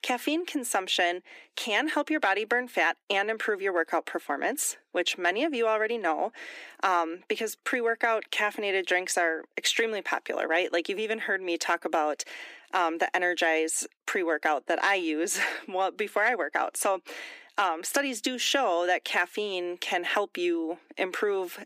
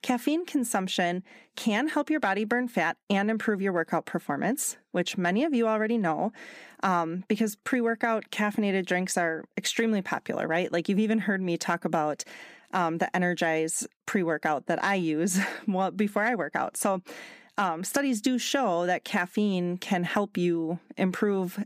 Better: second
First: thin; somewhat; fading below 300 Hz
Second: none

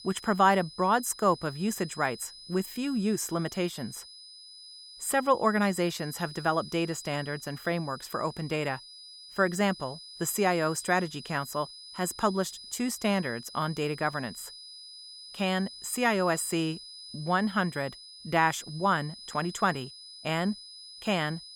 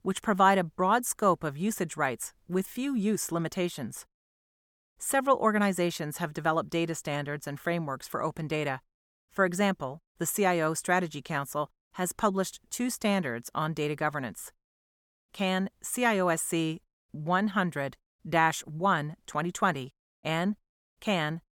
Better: second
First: high-pitched whine; noticeable; throughout; 5 kHz, 15 dB below the speech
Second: none

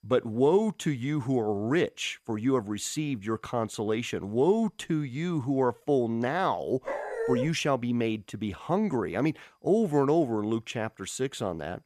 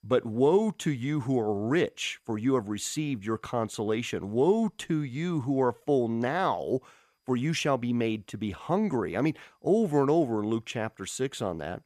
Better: second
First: dog barking; noticeable; at 7 s; peak 2 dB below the speech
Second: none

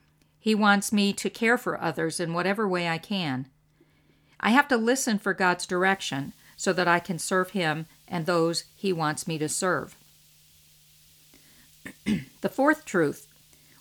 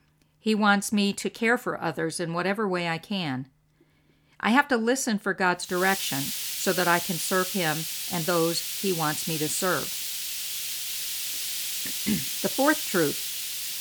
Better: first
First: hiss; faint; from 6 s on; 30 dB below the speech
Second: hiss; loud; from 6 s on; 2 dB below the speech

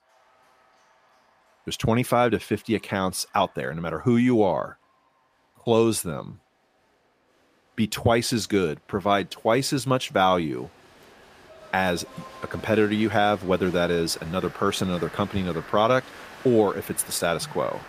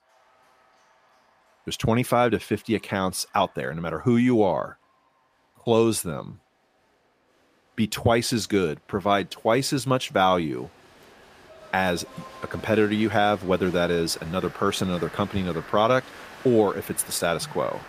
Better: neither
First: crowd noise; faint; throughout; 20 dB below the speech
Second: crowd noise; faint; throughout; 20 dB below the speech

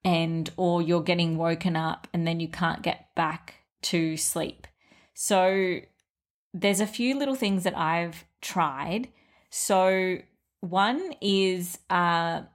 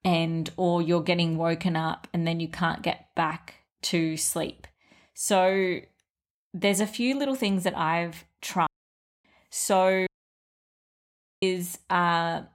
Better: first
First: none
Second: audio cutting out; at 8.5 s for 0.5 s and at 10 s for 1.5 s

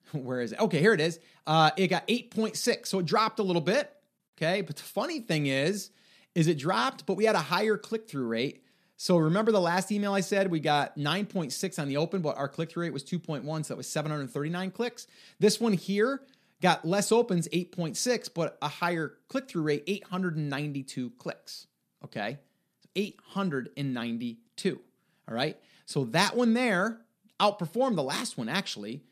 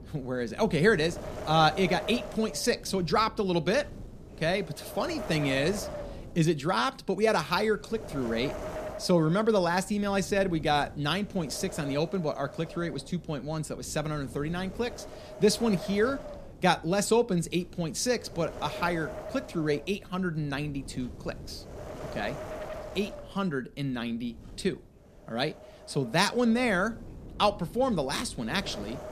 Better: first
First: none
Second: wind noise on the microphone; occasional gusts; 15 dB below the speech

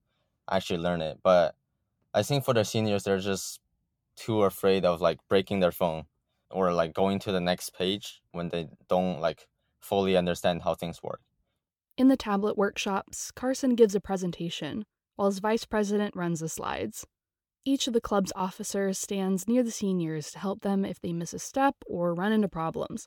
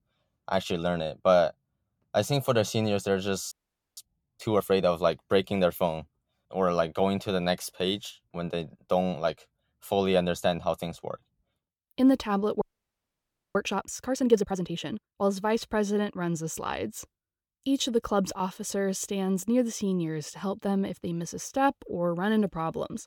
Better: first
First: none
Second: audio freezing; at 3.5 s and at 13 s for 1 s

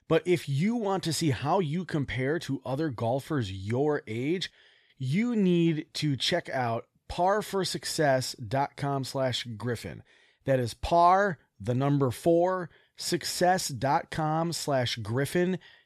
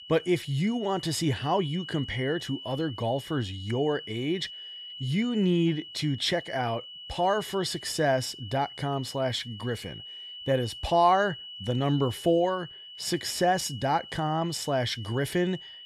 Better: first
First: none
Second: high-pitched whine; noticeable; throughout; 3 kHz, 15 dB below the speech

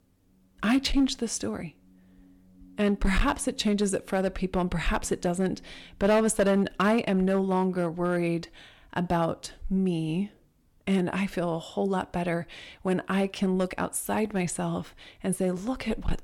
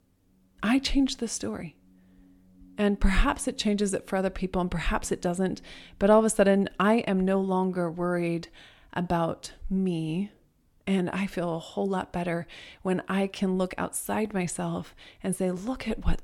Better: second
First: distortion; slight; 3% of the sound clipped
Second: none

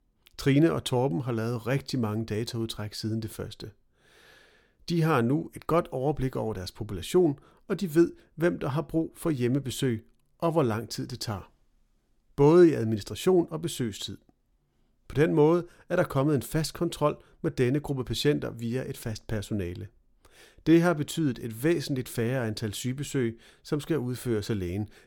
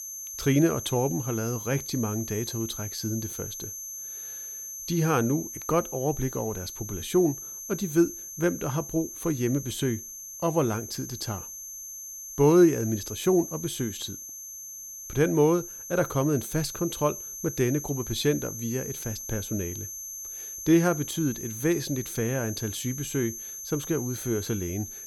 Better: first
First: none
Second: high-pitched whine; loud; throughout; 6 kHz, 8 dB below the speech

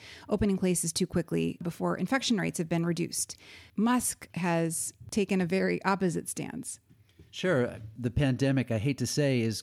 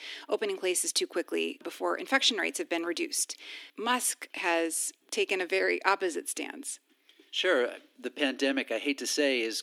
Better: first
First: none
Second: thin; somewhat; fading below 300 Hz

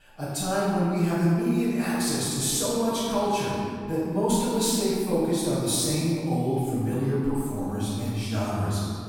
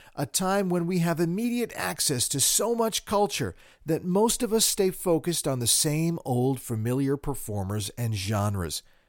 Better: second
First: off-mic speech; far // room echo; strong; dies away in 2.5 s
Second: none

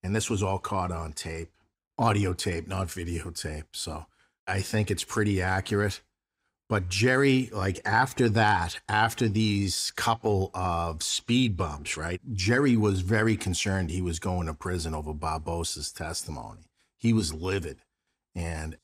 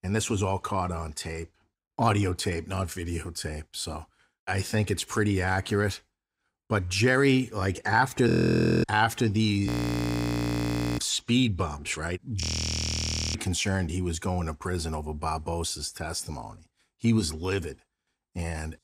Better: first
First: none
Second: audio freezing; at 8.5 s for 0.5 s, at 9.5 s for 1.5 s and at 12 s for 1 s

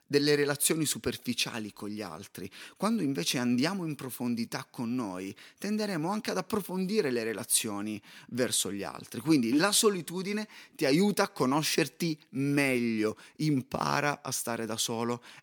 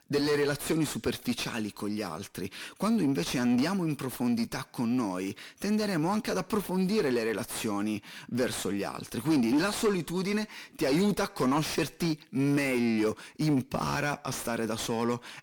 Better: first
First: none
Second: distortion; heavy; 7 dB below the speech

